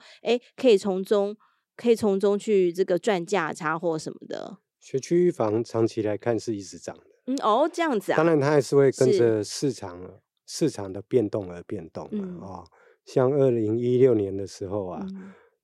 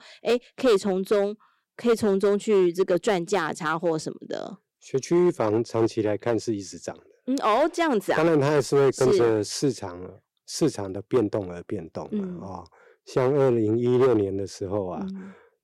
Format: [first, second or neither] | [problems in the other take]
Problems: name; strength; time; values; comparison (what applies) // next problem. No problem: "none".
first | distortion; slight; 5% of the sound clipped